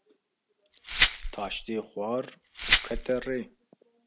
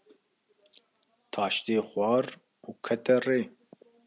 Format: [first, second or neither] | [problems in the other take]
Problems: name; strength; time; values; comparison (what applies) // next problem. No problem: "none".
second | background sound (Glass); 5 dB above the speech